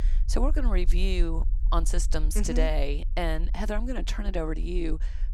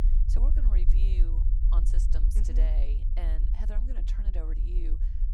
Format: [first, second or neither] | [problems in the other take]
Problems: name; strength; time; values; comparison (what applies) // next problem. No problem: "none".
first | low rumble; loud; throughout; 3 dB below the speech; faint in the first